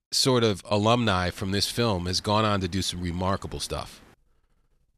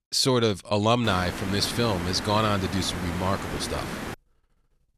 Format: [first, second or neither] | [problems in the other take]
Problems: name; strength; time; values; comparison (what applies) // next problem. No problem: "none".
first | hiss; loud; from 1 to 4 s; 9 dB below the speech; faint in the first